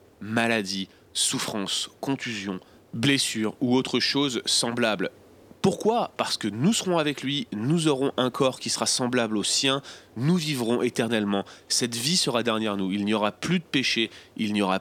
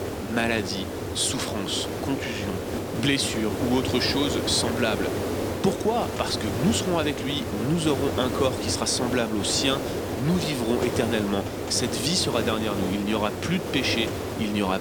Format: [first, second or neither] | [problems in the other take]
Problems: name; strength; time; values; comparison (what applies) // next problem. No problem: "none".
first | hiss; loud; throughout; 4 dB below the speech; faint in the first